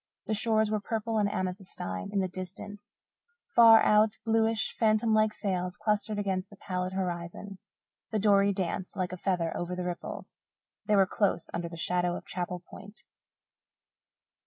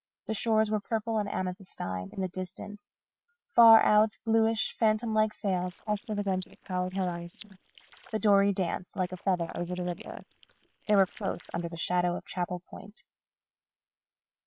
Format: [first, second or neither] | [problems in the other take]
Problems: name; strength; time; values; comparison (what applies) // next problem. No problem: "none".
first | noise reduction (neural separator model SepFormer WHAM!)